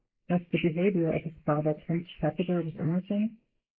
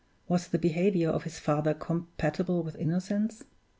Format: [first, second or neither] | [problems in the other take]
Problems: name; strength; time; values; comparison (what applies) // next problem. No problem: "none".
second | noise reduction (neural mask model Resemble Enhance denoiser)